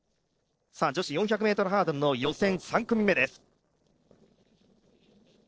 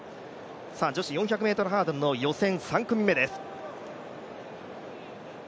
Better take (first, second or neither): second